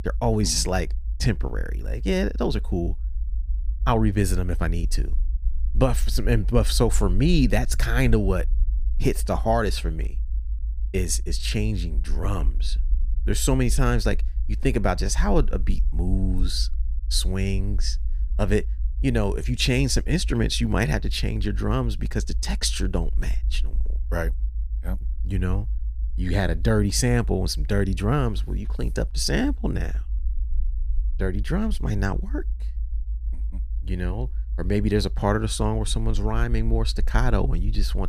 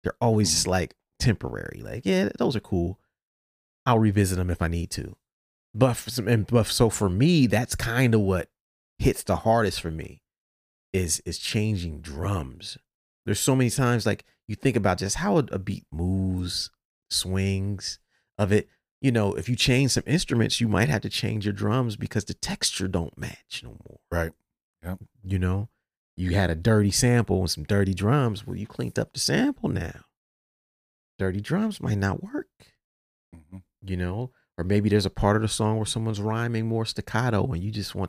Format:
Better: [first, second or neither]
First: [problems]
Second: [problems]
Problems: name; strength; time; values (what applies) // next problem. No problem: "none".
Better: second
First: low rumble; faint; throughout; 25 dB below the speech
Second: none